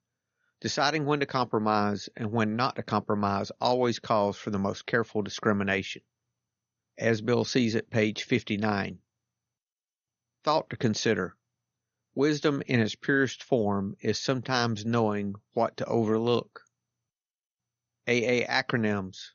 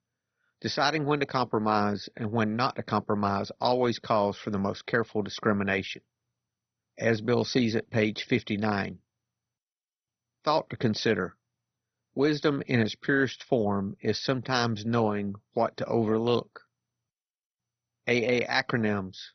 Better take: first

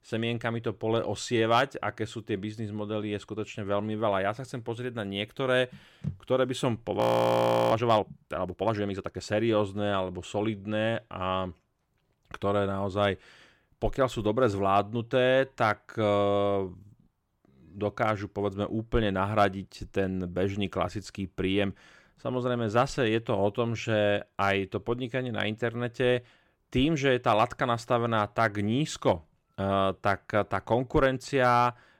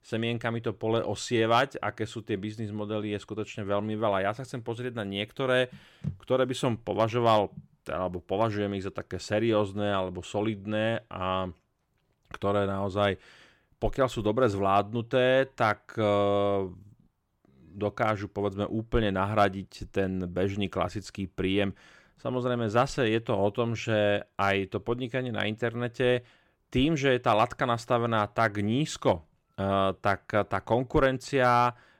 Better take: second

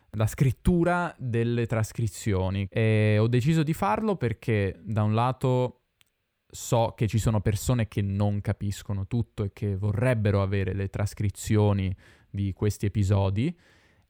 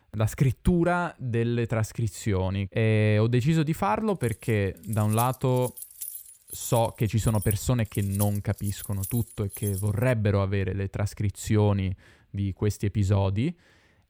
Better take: first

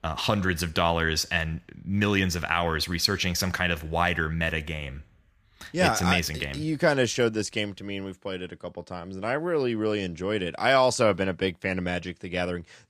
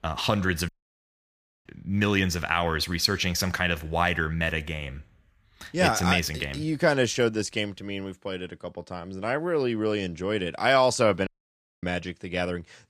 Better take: first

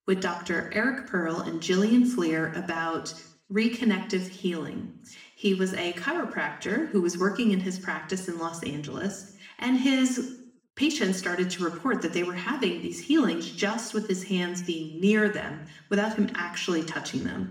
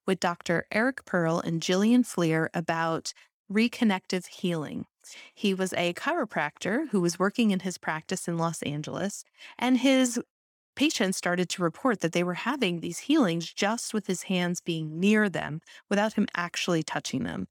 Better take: second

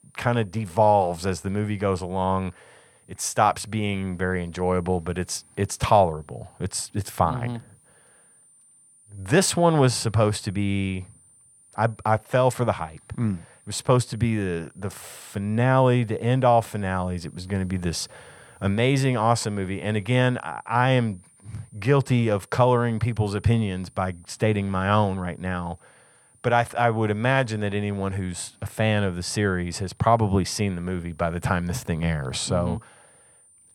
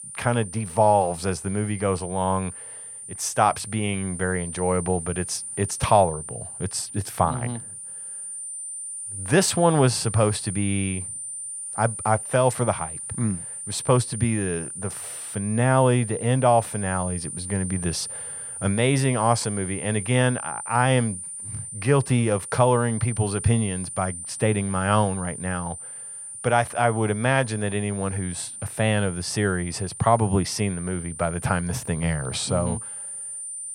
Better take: first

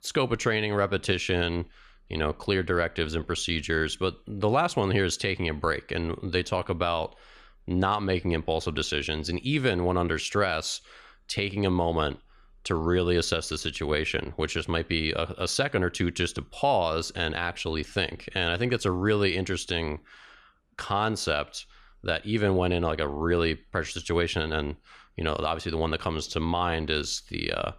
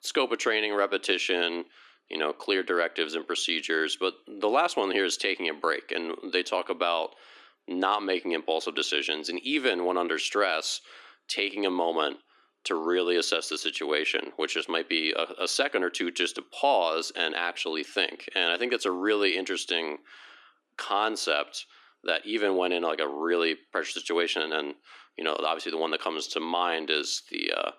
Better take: first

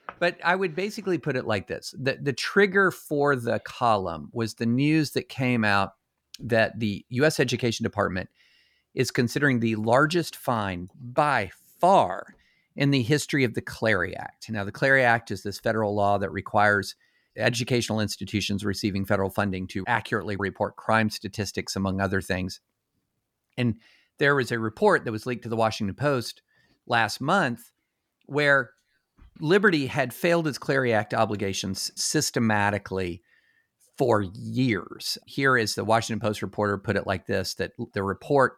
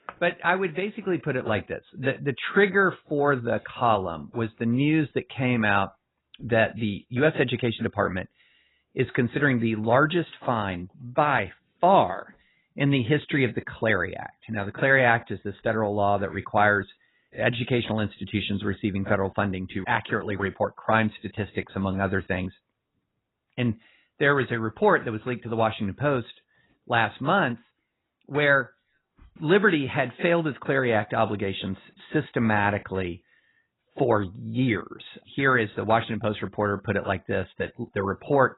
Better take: first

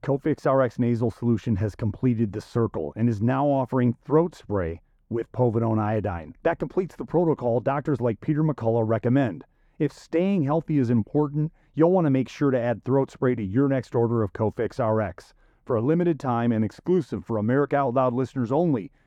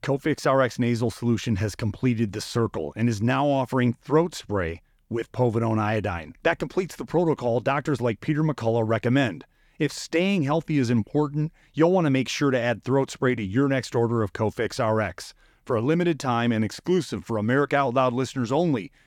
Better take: second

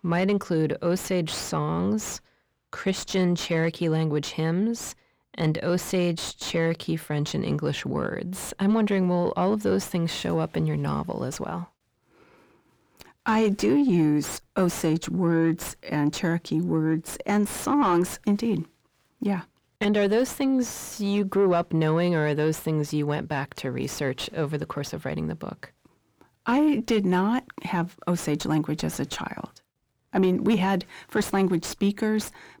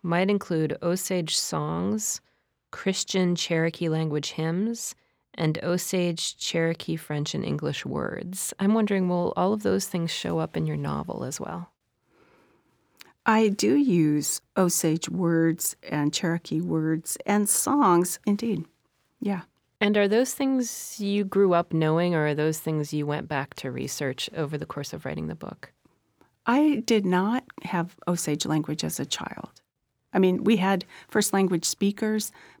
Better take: second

